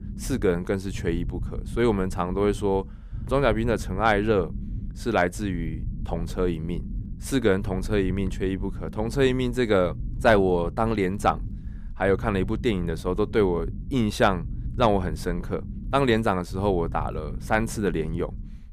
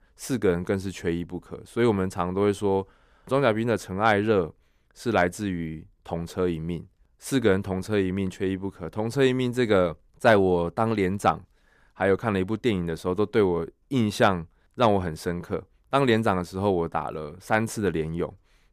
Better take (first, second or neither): second